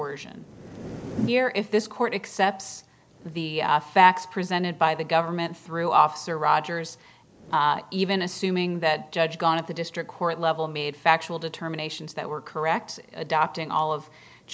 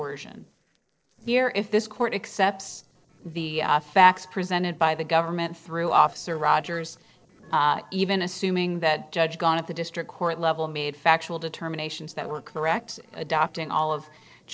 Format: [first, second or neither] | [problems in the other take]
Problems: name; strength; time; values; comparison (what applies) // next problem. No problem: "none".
first | noise reduction (neural separator model SepFormer DNS4)